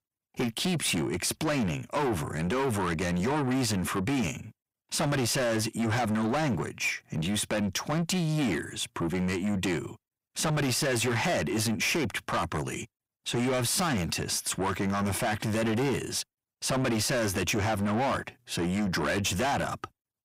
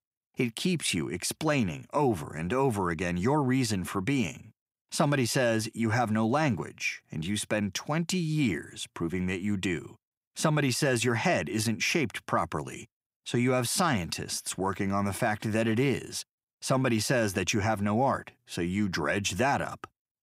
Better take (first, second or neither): second